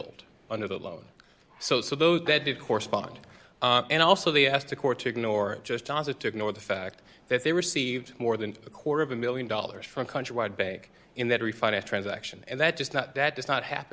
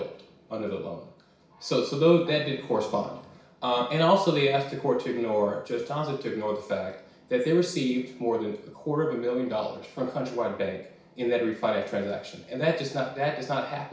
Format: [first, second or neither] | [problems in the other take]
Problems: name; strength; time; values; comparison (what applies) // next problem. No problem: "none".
first | room echo; dies away in 0.6 s